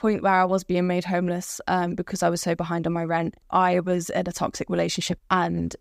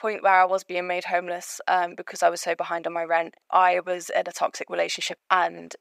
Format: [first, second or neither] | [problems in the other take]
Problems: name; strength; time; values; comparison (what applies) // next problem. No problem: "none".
first | thin; very; fading below 550 Hz